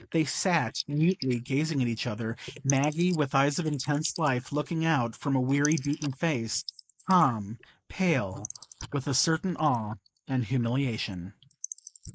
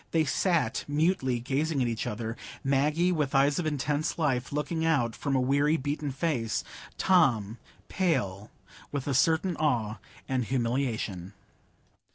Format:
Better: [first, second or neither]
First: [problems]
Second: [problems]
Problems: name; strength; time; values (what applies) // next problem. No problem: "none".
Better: second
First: noise reduction (neural mask model Resemble Enhance denoiser)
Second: none